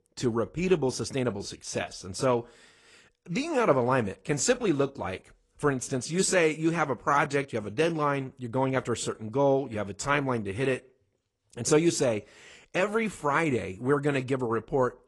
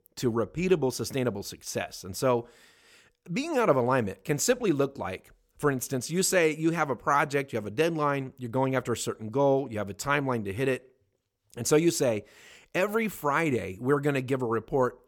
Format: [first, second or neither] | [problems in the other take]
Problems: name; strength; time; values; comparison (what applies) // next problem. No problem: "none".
second | garbled, watery; slightly